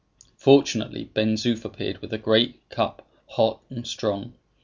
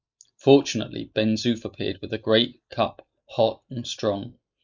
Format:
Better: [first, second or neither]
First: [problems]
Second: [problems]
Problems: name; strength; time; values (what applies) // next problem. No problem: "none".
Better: first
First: none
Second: noise reduction (neural mask model Resemble Enhance denoiser)